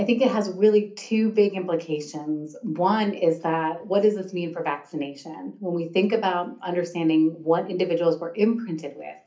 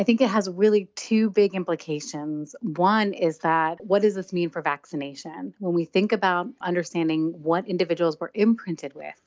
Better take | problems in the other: second | room echo; dies away in 0.3 s

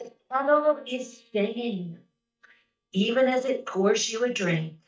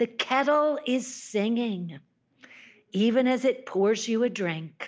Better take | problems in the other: second | noise reduction (neural mask model DeepFilterNet 3)

